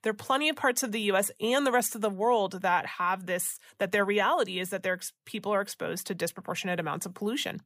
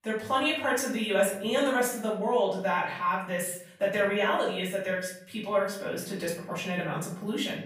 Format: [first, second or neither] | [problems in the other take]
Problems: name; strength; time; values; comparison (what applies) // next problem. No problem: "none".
first | off-mic speech; far // room echo; noticeable; dies away in 0.6 s